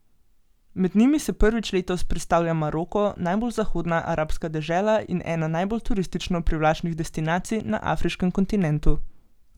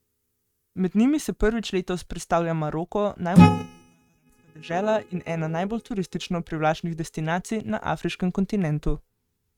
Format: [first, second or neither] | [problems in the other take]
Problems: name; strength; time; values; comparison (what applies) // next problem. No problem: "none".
first | noise reduction (neural mask model RNNoise)